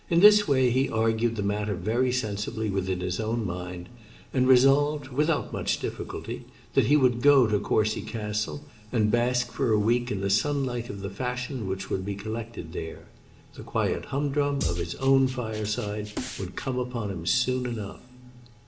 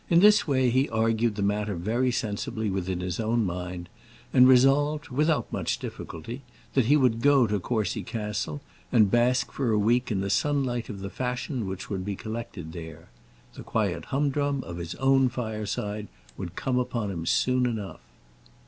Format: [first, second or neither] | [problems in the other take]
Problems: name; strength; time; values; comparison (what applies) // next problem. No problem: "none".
second | background sound (Drum kit); 8 dB below the speech // room echo; dies away in 2.6 s